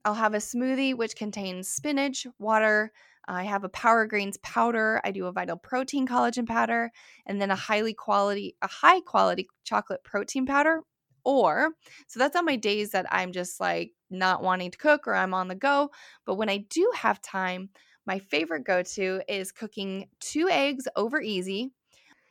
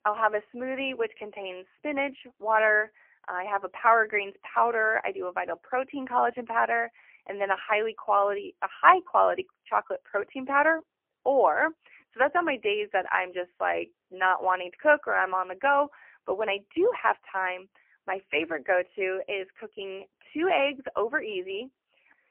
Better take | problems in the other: first | phone-call audio; poor line; nothing above 3 kHz

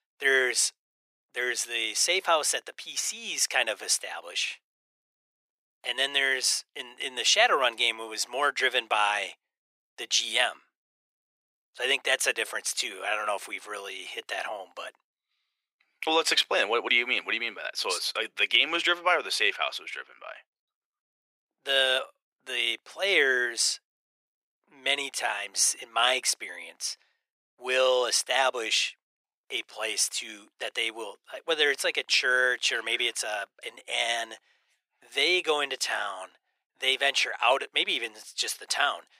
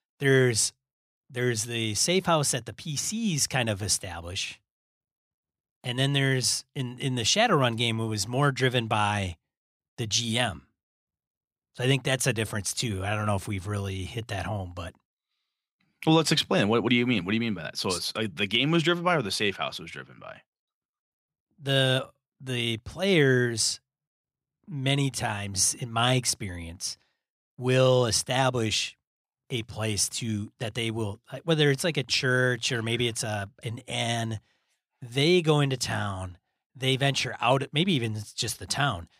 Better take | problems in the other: second | thin; very; fading below 450 Hz

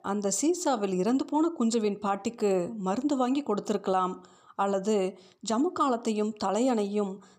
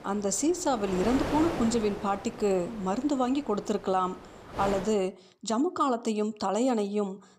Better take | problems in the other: first | wind noise on the microphone; heavy; until 5 s; 9 dB below the speech

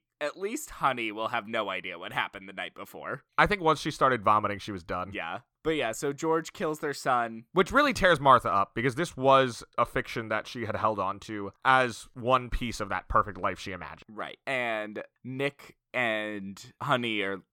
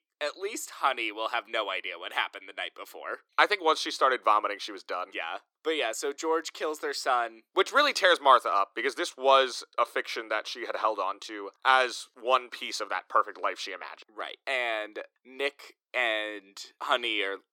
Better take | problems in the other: first | thin; very; fading below 350 Hz

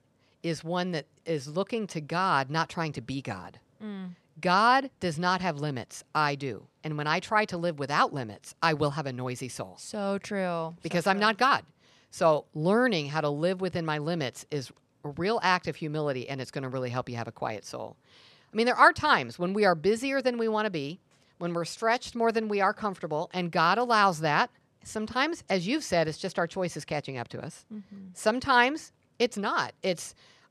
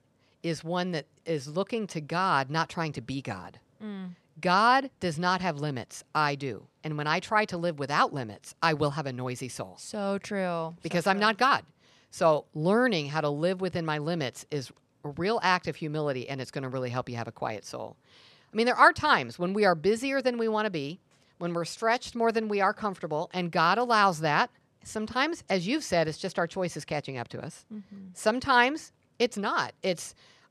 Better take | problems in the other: neither | none

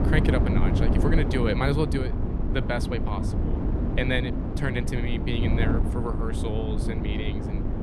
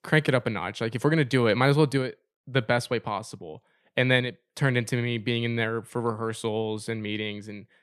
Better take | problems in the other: second | wind noise on the microphone; heavy; 3 dB below the speech

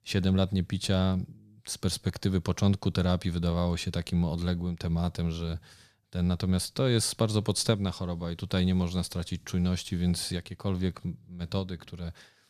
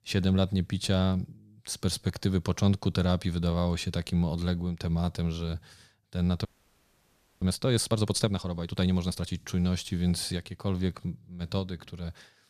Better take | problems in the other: first | audio freezing; at 6.5 s for 1 s

